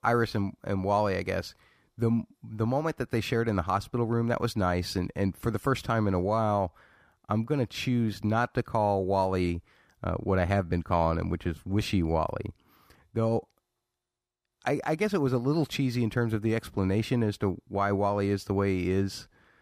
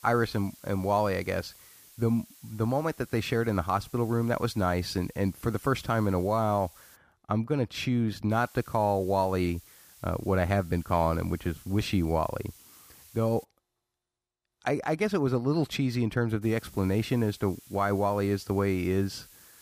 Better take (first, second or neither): first